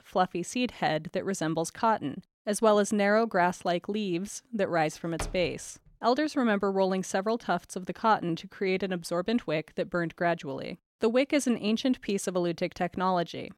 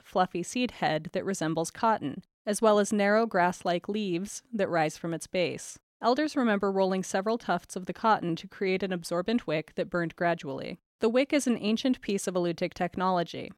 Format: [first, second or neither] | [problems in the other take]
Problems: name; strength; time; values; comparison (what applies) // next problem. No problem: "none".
second | door banging; faint; at 5 s; peak 10 dB below the speech